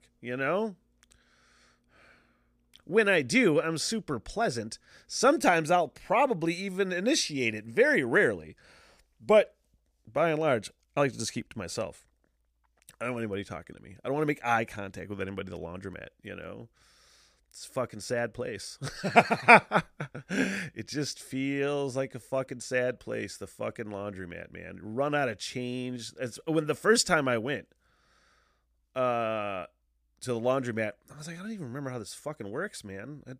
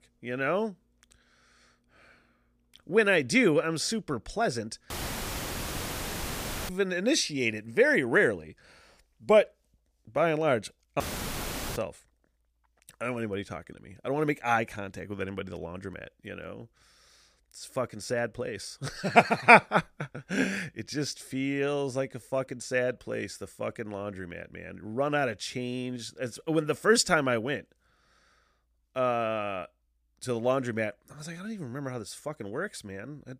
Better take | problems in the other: first | audio cutting out; filled with static; at 5 s for 2 s and at 11 s for 1 s

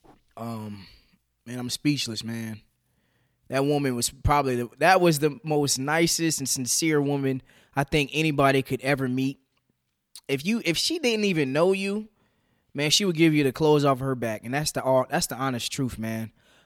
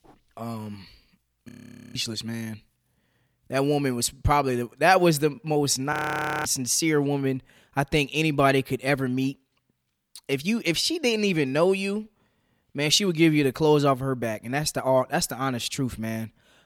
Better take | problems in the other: first | audio freezing; at 1.5 s and at 6 s for 0.5 s

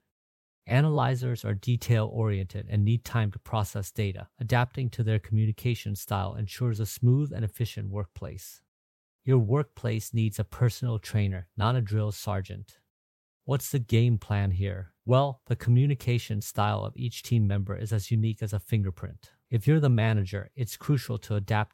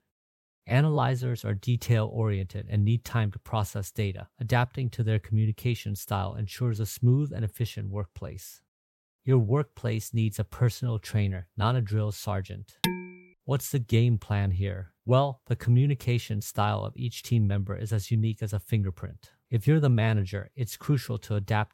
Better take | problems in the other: first | clattering dishes; noticeable; at 13 s; peak 2 dB below the speech

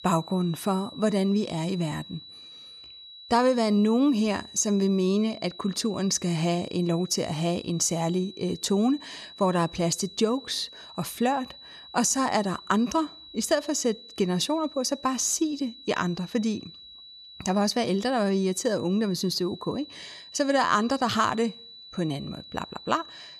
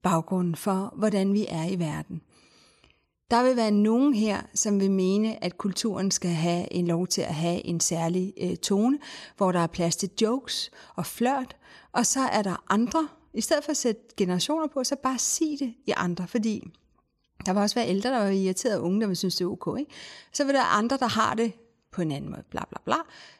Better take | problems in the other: second | high-pitched whine; noticeable; throughout; 4 kHz, 15 dB below the speech

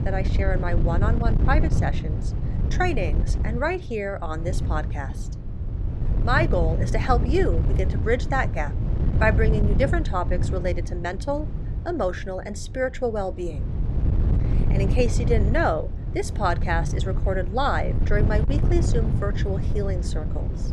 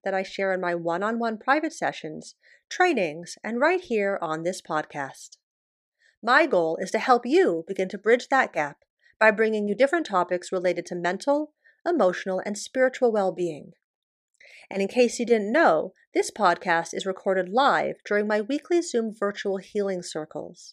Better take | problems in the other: second | wind noise on the microphone; occasional gusts; 10 dB below the speech

